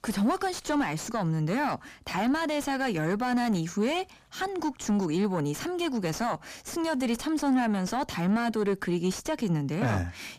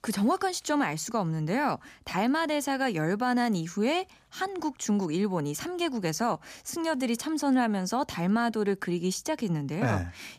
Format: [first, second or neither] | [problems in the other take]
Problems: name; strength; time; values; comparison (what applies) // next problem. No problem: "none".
second | distortion; slight; 10 dB below the speech